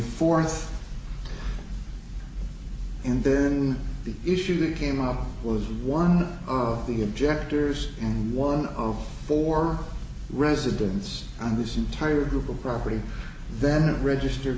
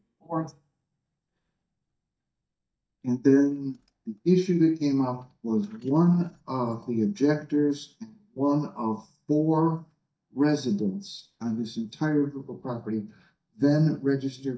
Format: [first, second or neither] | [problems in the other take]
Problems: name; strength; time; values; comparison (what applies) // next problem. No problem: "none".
first | noise reduction (neural mask model DeepFilterNet 3)